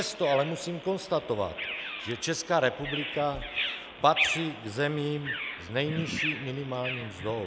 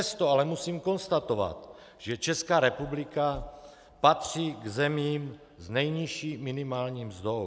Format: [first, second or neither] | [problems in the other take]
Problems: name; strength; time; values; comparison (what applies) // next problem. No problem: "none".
second | background sound (Bird vocalization, bird call, bird song); 6 dB below the speech